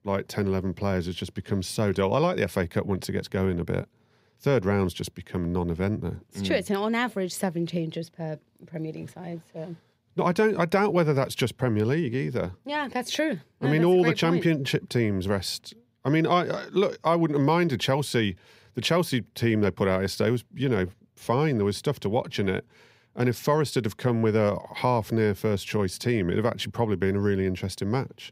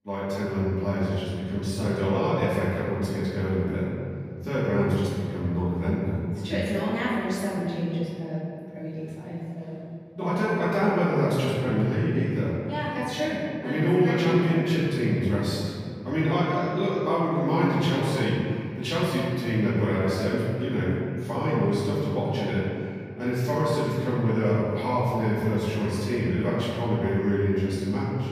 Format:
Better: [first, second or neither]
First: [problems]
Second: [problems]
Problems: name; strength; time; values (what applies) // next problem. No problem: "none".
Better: first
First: none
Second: off-mic speech; far // room echo; strong; dies away in 2.6 s